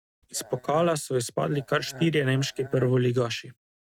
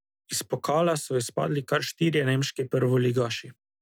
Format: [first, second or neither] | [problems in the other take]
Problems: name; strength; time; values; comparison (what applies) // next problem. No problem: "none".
second | noise reduction (neural mask model RNNoise)